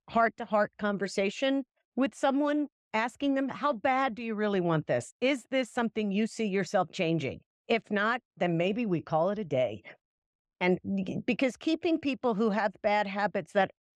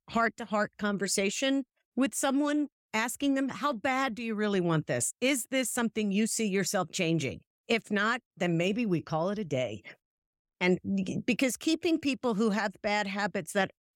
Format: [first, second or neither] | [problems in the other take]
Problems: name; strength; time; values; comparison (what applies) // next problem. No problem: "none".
second | muffled; slightly; fading above 4 kHz